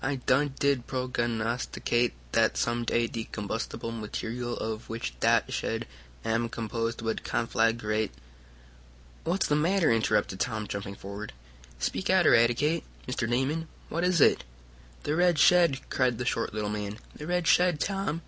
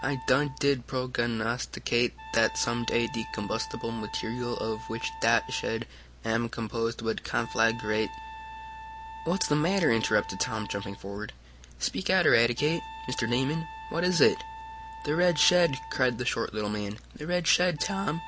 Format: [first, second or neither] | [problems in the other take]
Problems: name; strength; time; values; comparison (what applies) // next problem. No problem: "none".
first | background sound (Wind instrument, woodwind instrument); 14 dB below the speech